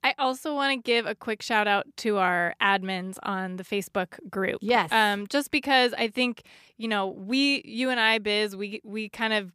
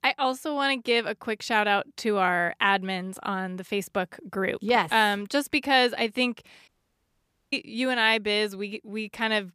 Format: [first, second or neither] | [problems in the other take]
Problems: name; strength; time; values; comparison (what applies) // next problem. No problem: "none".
first | audio cutting out; at 6.5 s for 1 s